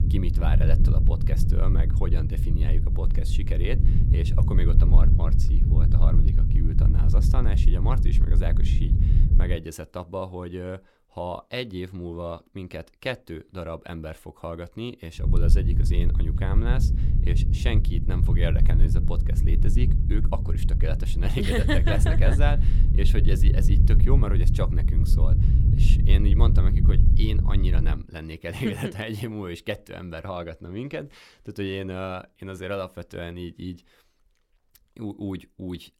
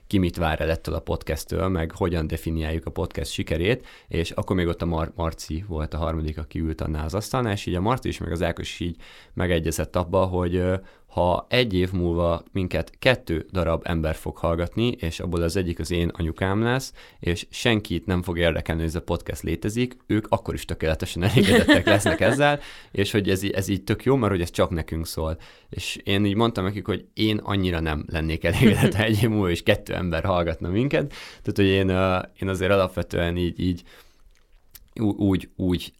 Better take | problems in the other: second | low rumble; loud; until 9.5 s and from 15 to 28 s; 4 dB below the speech

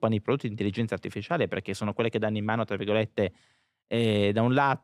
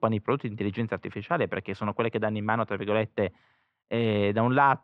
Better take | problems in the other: first | muffled; slightly; fading above 2.5 kHz

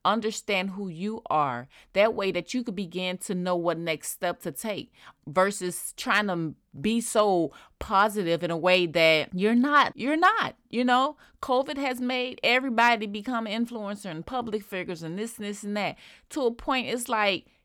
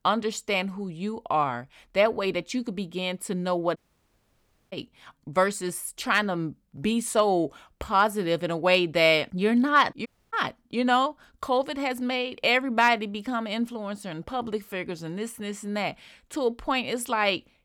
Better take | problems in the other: first | audio cutting out; at 4 s for 1 s and at 10 s

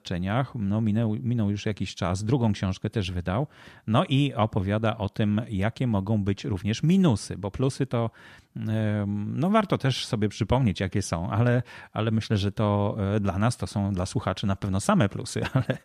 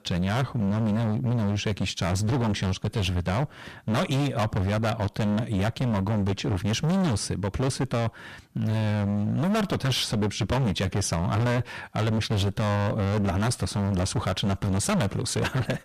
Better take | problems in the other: first | distortion; heavy; 29% of the sound clipped

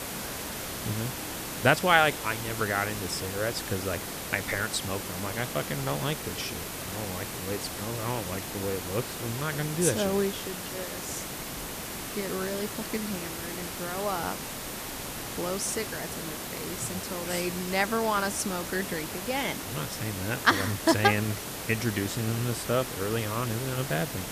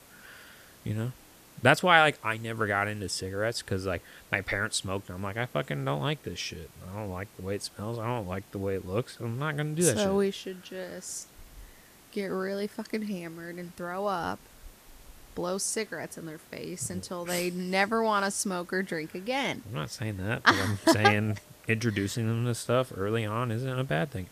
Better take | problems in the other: second | hiss; loud; throughout; 5 dB below the speech; faint in the second

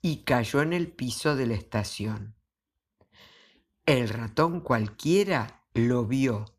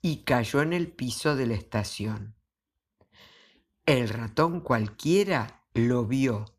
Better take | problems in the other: neither | none

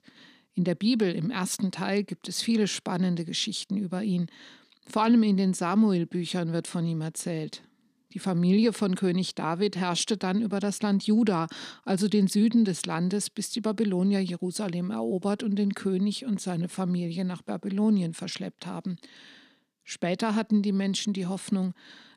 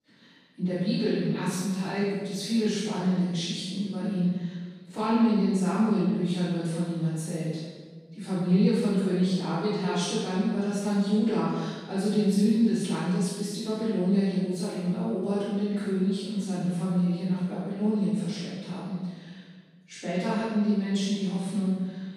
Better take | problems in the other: first | off-mic speech; far // room echo; strong; dies away in 1.4 s

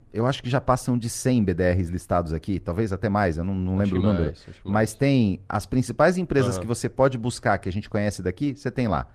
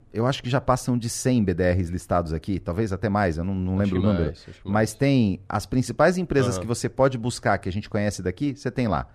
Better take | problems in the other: second | garbled, watery; slightly; nothing above 14.5 kHz

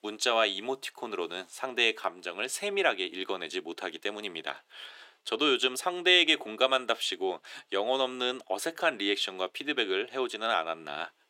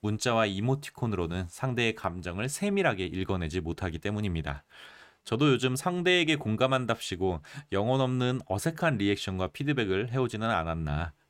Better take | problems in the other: second | thin; somewhat; fading below 350 Hz

